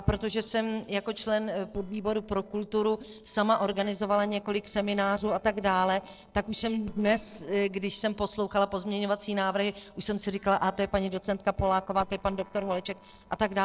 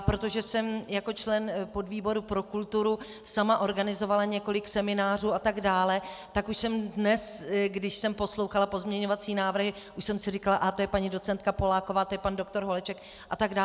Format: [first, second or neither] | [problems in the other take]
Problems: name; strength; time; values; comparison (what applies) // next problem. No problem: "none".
second | noise reduction (neural separator model SepFormer DNS4)